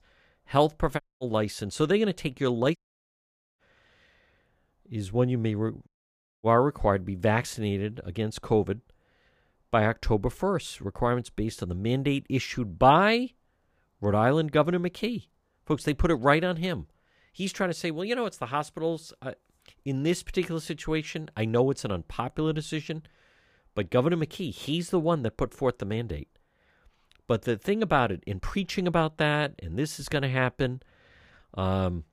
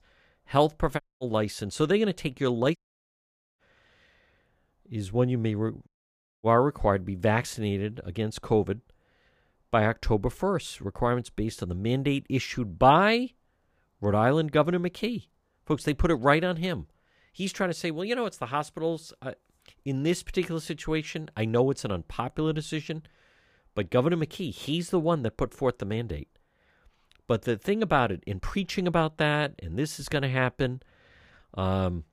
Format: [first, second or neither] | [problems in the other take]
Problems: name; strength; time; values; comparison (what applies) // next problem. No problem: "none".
neither | audio cutting out; at 1 s, at 3 s for 1 s and at 6 s for 0.5 s; the same in both